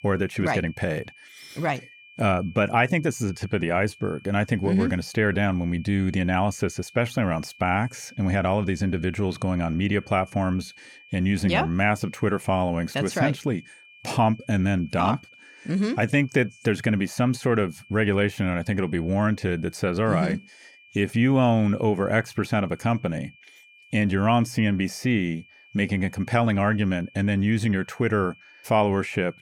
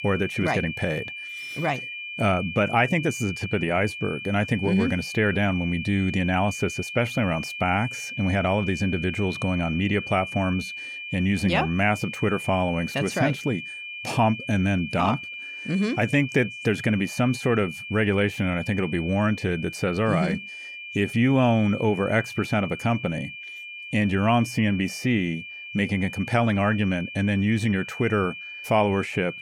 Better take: first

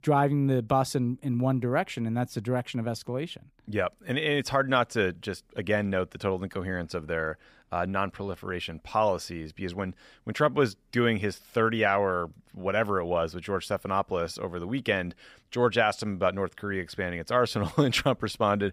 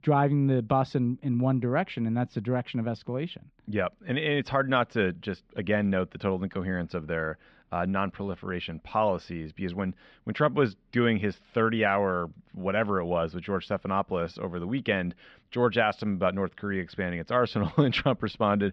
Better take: first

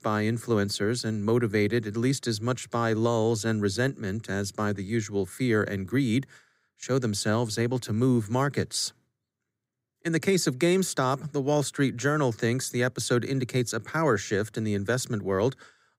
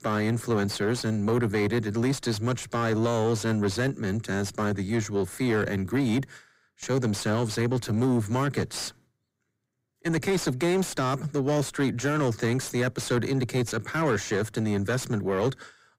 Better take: first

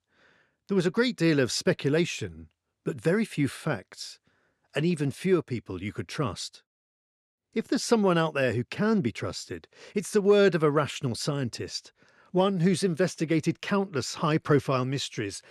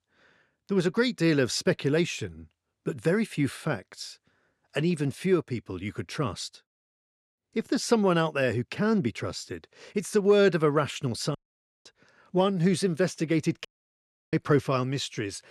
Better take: first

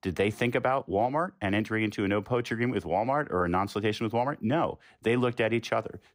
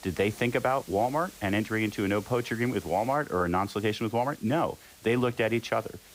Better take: first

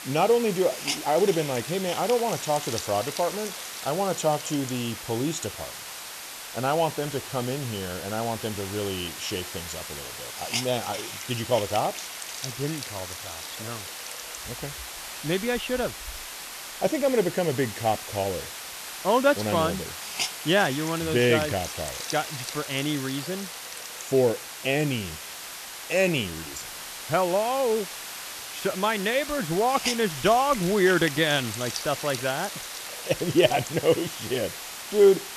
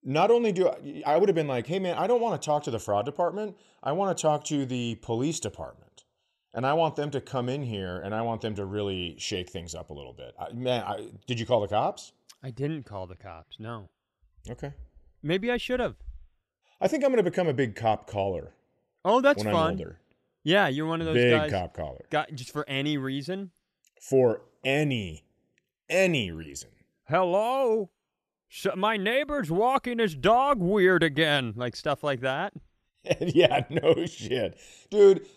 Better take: second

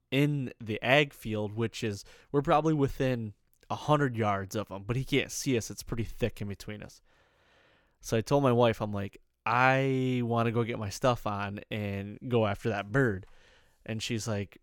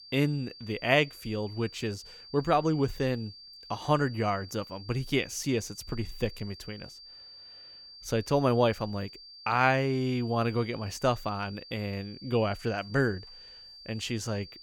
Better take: first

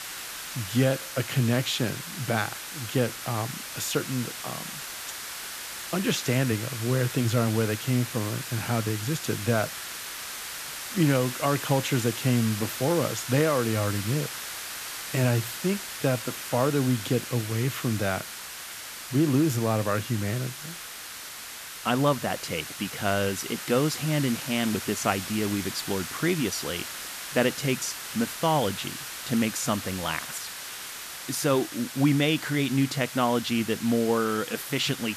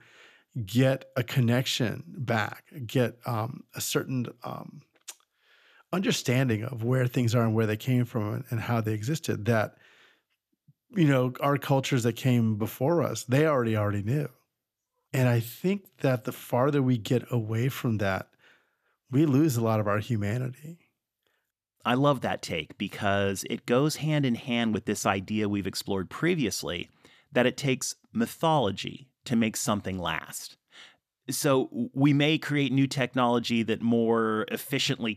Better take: second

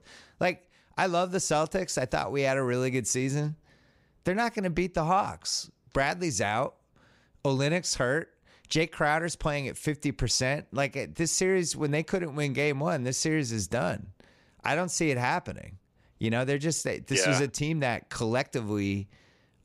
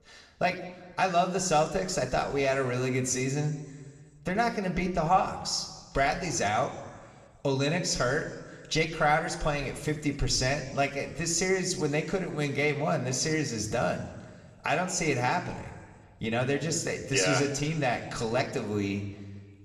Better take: first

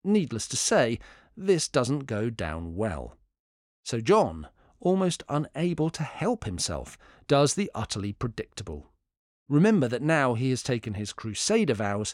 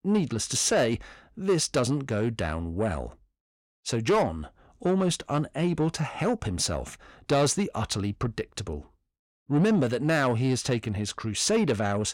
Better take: first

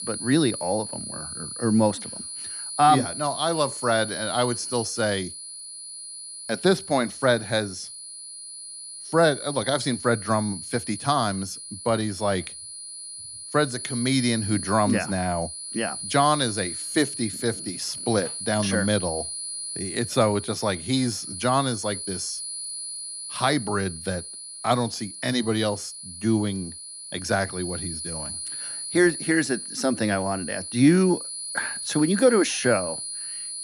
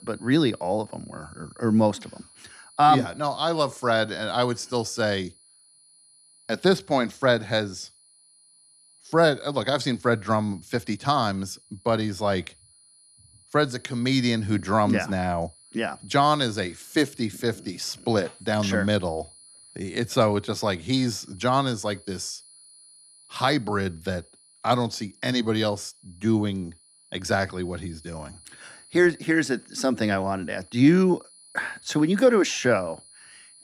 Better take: second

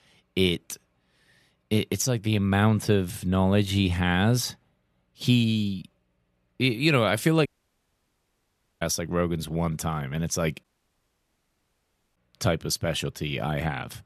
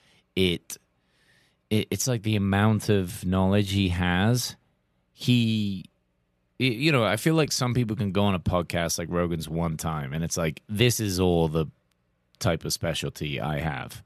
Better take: second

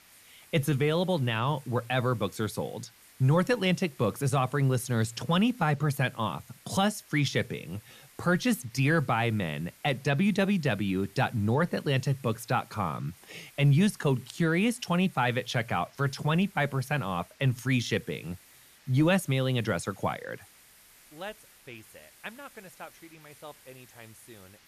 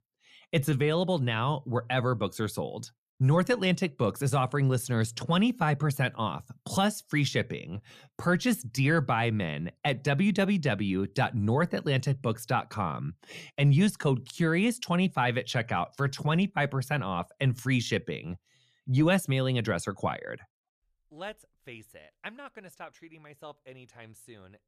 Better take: second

